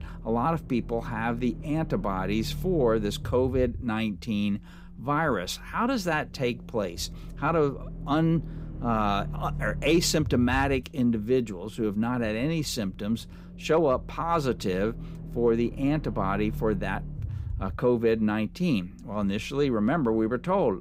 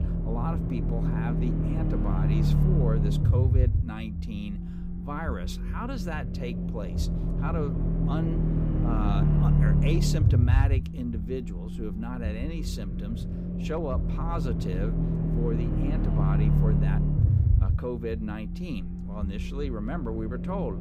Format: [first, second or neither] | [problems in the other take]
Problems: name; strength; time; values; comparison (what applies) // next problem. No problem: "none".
first | low rumble; loud; throughout; as loud as the speech; faint in the first